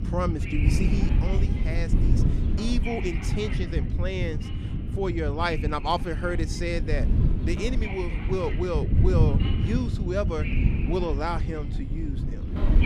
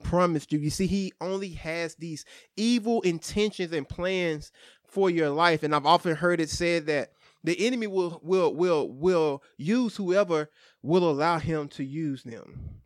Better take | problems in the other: second | wind noise on the microphone; heavy; 6 dB below the speech

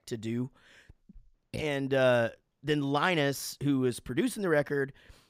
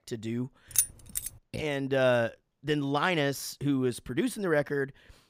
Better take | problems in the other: first | jangling keys; loud; at 1 s; peak 2 dB above the speech

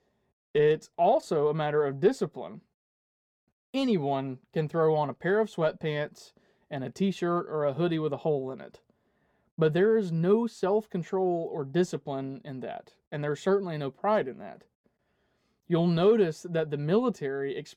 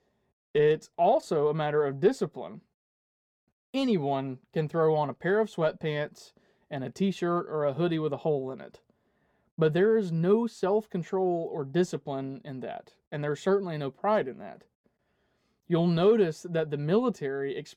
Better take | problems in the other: neither | muffled; slightly; fading above 1.5 kHz; the same in both

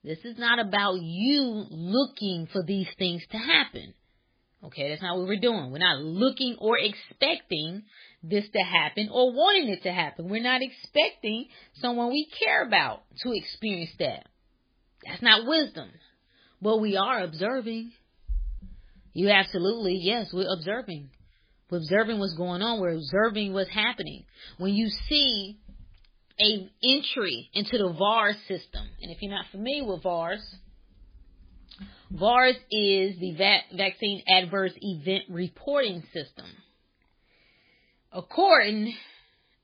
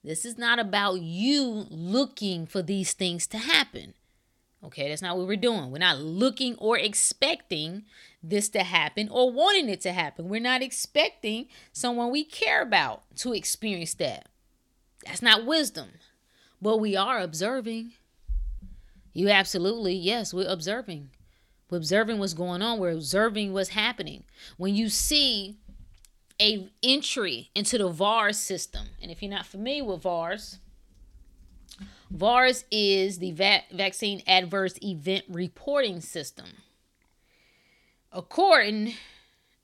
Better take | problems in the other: second | garbled, watery; badly; nothing above 4.5 kHz

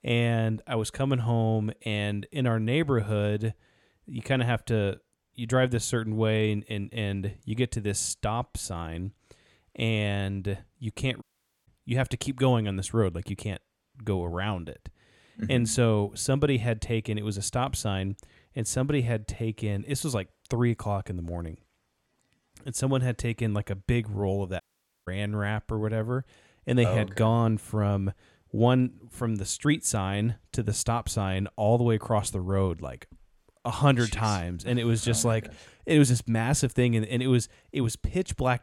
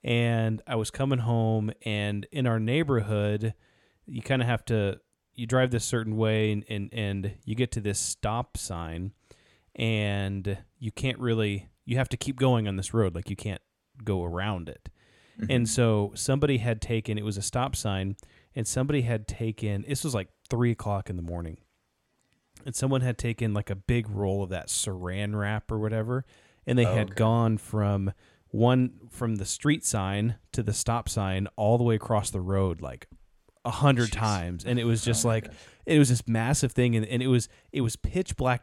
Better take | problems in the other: second | audio cutting out; at 11 s and at 25 s

